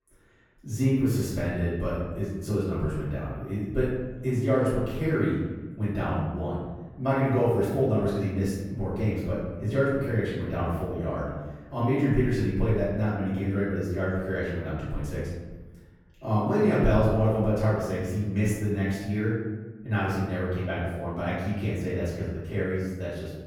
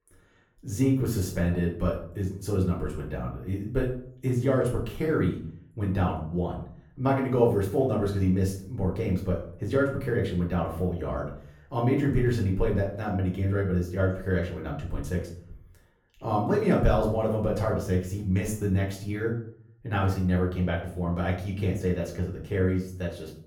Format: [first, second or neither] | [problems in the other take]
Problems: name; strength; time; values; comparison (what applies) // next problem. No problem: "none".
second | room echo; strong; dies away in 1.1 s; slight in the second // off-mic speech; far; far in the second